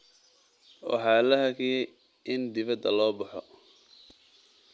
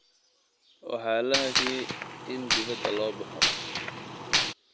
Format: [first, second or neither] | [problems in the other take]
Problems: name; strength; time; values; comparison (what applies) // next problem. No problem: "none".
first | background sound (Gunshot, gunfire); 4 dB above the speech